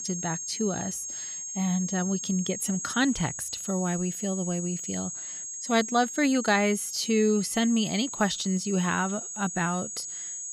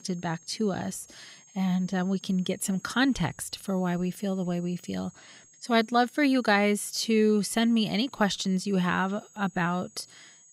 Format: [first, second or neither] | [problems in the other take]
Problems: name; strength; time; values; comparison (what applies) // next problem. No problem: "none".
second | high-pitched whine; loud; throughout; 6.5 kHz, 6 dB below the speech; faint in the second